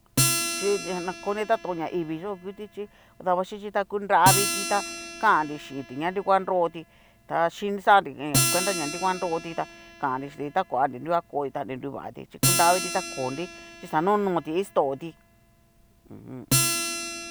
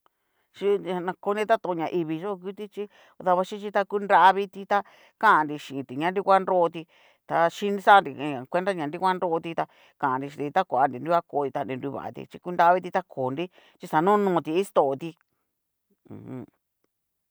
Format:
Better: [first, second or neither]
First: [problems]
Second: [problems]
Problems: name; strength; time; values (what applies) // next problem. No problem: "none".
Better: second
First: background sound (Acoustic guitar); 4 dB below the speech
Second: none